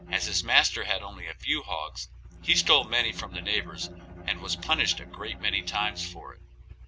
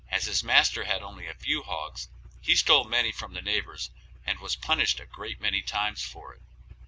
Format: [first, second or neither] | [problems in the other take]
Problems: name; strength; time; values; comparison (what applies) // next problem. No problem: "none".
second | background sound (Bowed string instrument); 17 dB below the speech